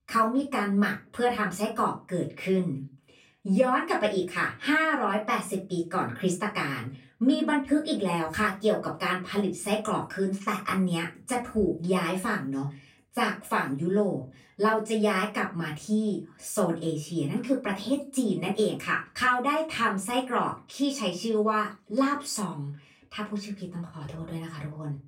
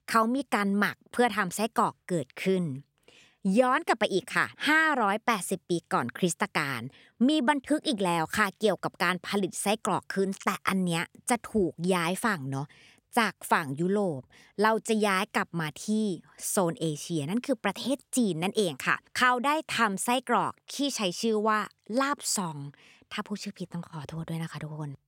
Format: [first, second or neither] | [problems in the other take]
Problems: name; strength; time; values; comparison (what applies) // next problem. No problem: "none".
second | off-mic speech; far // room echo; slight; dies away in 0.2 s